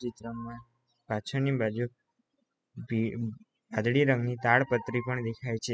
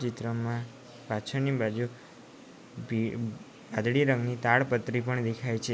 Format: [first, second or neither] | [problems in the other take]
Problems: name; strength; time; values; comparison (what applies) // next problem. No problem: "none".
second | noise reduction (classical method spectral subtraction)